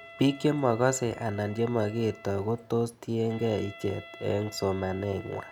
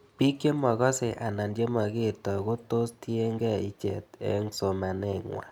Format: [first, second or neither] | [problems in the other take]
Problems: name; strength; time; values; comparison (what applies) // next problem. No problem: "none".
second | background sound (Wind instrument, woodwind instrument); 20 dB below the speech